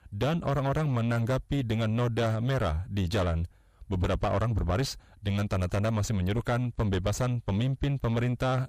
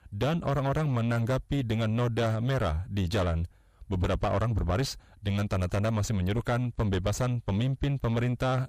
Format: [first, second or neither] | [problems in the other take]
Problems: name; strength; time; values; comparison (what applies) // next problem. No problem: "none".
neither | distortion; heavy; 7 dB below the speech; the same in both